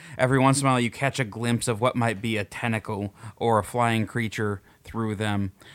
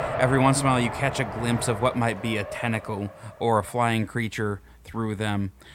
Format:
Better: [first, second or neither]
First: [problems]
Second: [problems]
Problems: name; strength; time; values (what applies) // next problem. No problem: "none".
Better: first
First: none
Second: traffic noise; loud; throughout; 9 dB below the speech